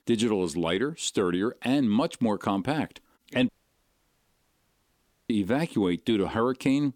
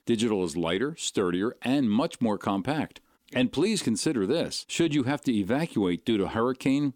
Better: second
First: audio cutting out; at 3.5 s for 2 s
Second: none

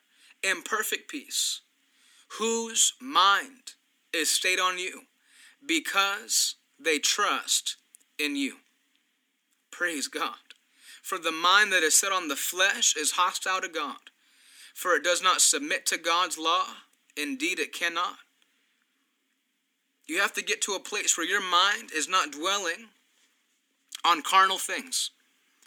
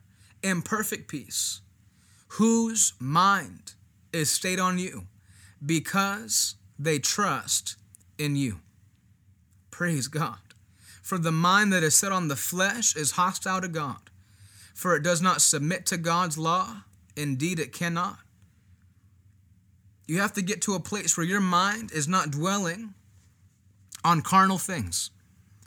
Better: second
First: thin; somewhat; fading below 250 Hz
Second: none

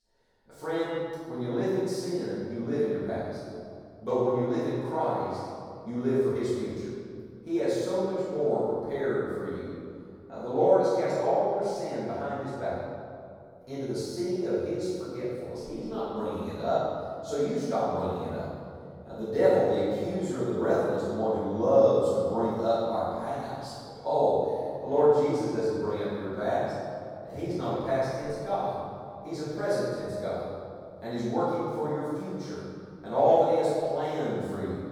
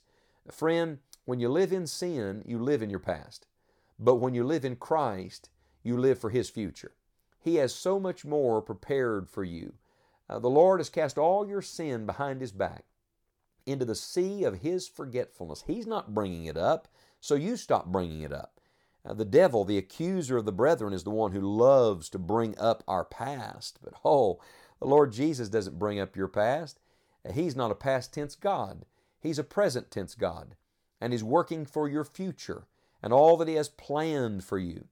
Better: second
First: room echo; strong; dies away in 2.1 s // off-mic speech; far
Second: none

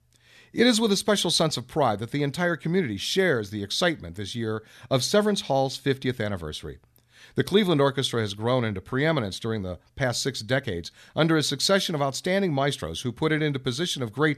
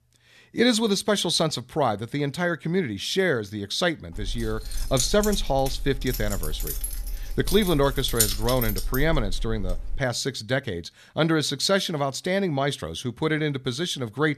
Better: first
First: none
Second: jangling keys; loud; from 4 to 10 s; peak 2 dB above the speech

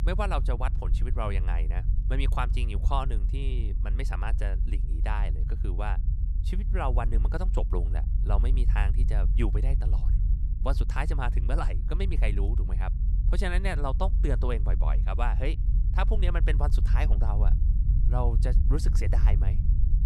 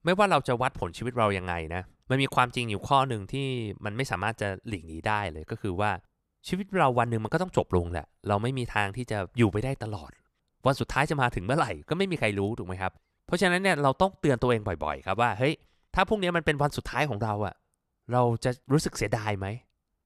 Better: second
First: low rumble; noticeable; throughout; 10 dB below the speech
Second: none

